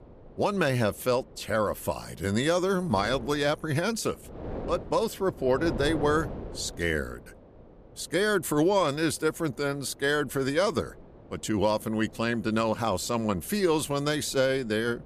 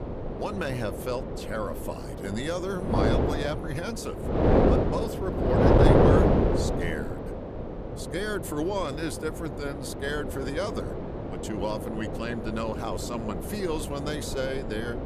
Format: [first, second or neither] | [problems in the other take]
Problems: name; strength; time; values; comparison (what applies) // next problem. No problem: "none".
first | wind noise on the microphone; heavy; 3 dB above the speech; occasional gusts in the first